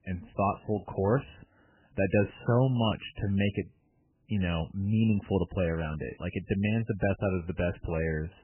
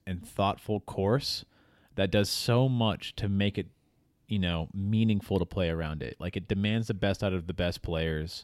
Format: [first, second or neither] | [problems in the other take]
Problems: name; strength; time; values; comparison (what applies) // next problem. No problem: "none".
second | garbled, watery; badly; nothing above 3 kHz